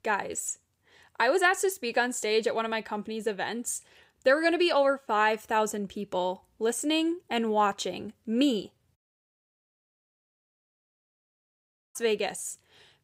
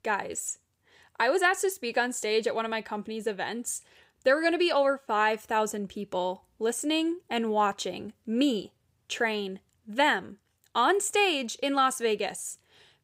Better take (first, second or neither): second